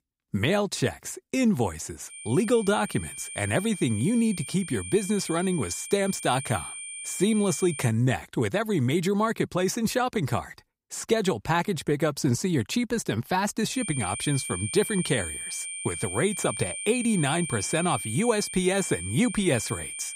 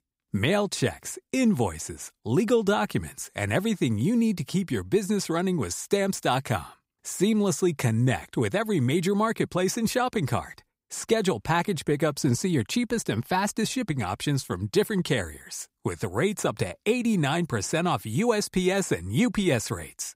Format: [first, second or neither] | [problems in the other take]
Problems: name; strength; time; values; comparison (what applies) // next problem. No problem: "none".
second | high-pitched whine; loud; from 2 to 8 s and from 14 s on; 9 kHz, 7 dB below the speech